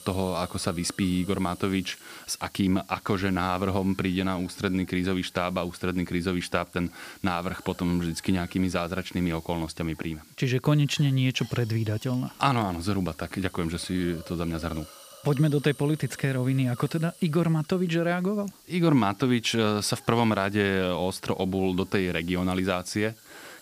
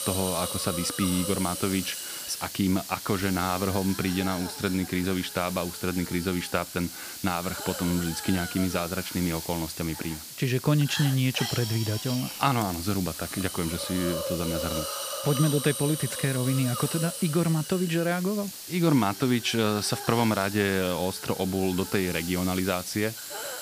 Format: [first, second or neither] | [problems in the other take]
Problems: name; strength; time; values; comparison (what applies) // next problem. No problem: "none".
first | hiss; loud; throughout; 6 dB below the speech; faint in the first